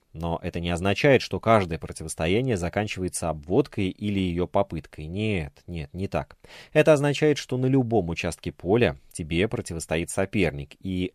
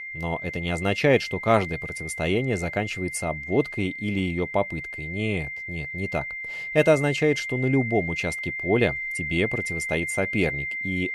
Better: first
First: none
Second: high-pitched whine; loud; throughout; 2 kHz, 5 dB below the speech

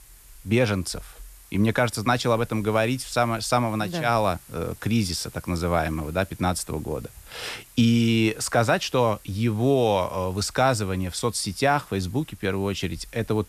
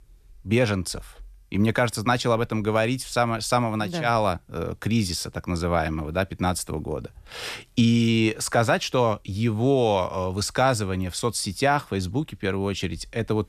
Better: second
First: hiss; faint; throughout; 25 dB below the speech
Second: none

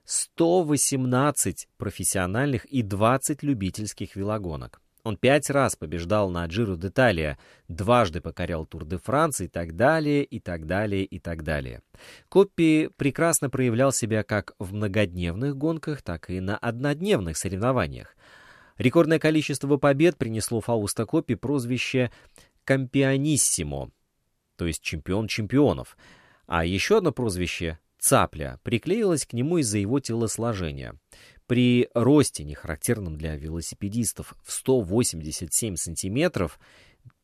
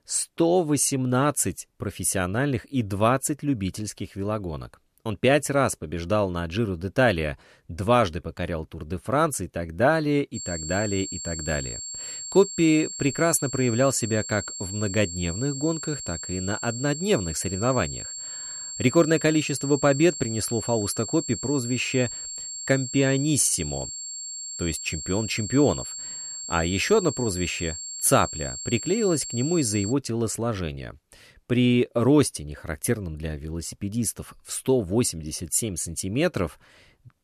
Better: first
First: none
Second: high-pitched whine; loud; from 10 to 30 s; 7.5 kHz, 8 dB below the speech

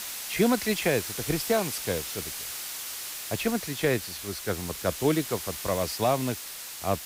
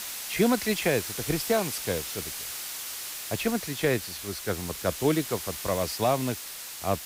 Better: neither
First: hiss; loud; throughout; 5 dB below the speech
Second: hiss; loud; throughout; 5 dB below the speech

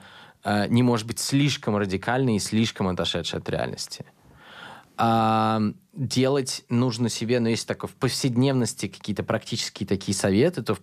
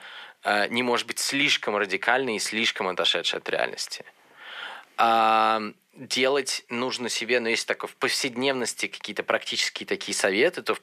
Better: first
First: none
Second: thin; somewhat; fading below 450 Hz

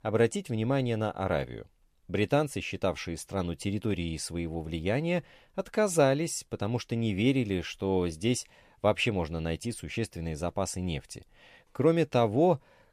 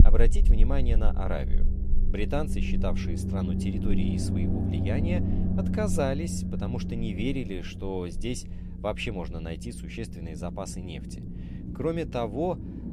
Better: first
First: none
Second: low rumble; loud; throughout; 6 dB below the speech

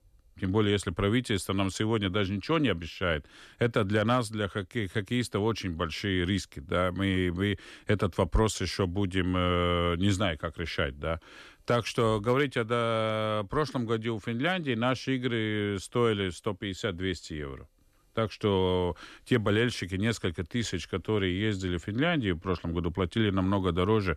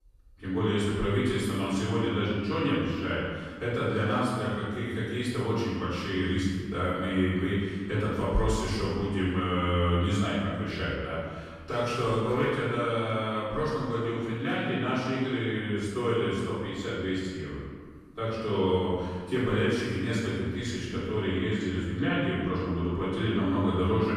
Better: first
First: none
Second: off-mic speech; far // room echo; strong; dies away in 1.5 s

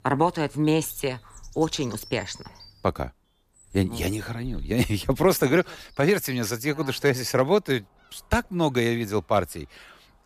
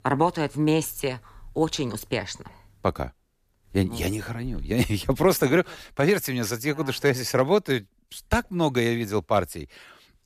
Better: second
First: animal sounds; faint; throughout; 25 dB below the speech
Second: none

